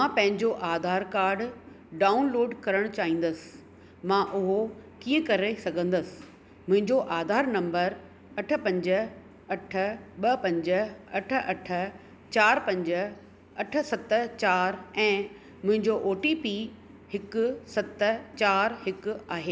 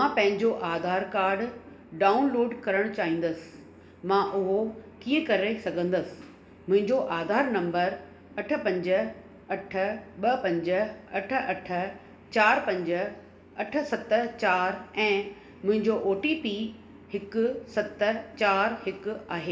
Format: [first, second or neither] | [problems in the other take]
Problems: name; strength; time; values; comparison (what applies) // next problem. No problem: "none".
first | room echo; dies away in 1.9 s